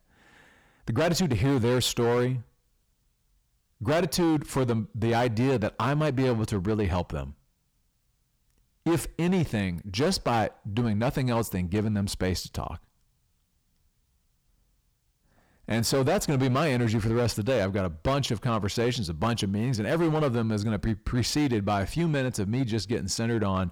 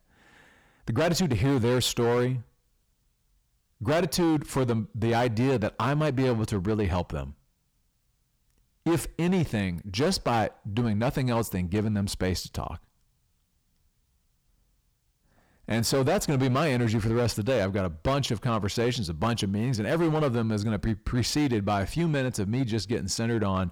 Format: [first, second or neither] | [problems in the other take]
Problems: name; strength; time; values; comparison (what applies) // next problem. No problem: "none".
neither | distortion; slight; 10% of the sound clipped; the same in both